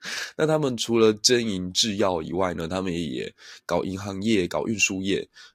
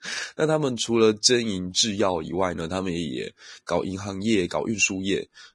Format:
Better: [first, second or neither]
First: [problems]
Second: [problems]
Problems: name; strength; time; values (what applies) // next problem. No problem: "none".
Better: first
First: garbled, watery; slightly; nothing above 15 kHz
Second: garbled, watery; badly